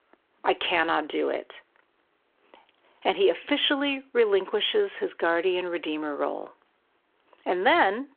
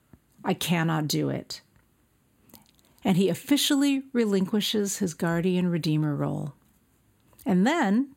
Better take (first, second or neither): second